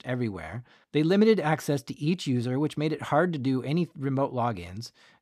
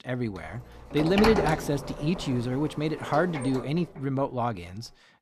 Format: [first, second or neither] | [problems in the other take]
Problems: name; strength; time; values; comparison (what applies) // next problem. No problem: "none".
first | door banging; loud; from 1 to 3.5 s; peak 2 dB above the speech